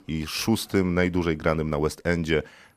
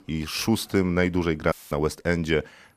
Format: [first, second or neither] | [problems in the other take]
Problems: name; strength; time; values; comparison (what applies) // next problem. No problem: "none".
first | audio cutting out; filled with static; at 1.5 s